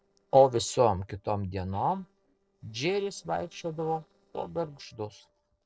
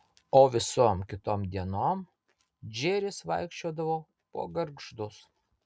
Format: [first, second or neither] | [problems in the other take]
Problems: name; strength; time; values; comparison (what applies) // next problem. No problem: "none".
second | noise reduction (neural separator model SepFormer DNS4)